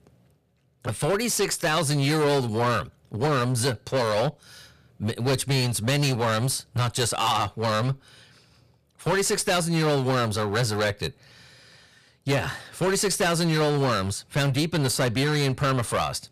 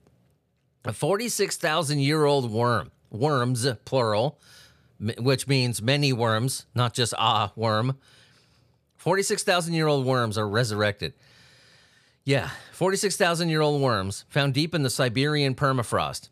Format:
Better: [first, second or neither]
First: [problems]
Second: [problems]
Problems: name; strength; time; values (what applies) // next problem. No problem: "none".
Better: second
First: distortion; heavy; 15% of the sound clipped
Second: none